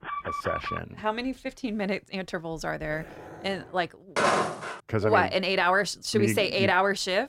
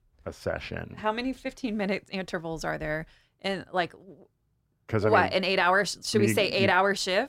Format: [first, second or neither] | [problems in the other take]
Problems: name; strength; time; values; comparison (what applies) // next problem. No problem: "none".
second | alarm; noticeable; at the start; peak 6 dB below the speech // dog barking; faint; at 3 s; peak 15 dB below the speech // footsteps; loud; at 4 s; peak 3 dB above the speech